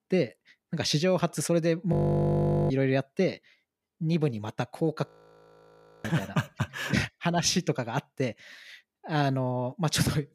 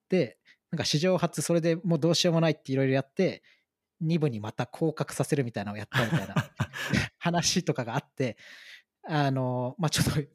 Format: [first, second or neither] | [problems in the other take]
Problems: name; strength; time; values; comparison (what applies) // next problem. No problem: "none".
second | audio freezing; at 2 s for 1 s and at 5 s for 1 s